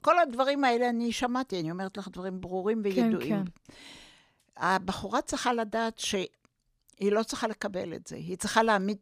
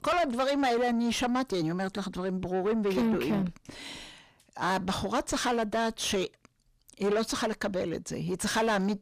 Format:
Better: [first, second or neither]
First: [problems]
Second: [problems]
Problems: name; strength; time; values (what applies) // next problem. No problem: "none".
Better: first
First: none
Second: distortion; heavy; 6 dB below the speech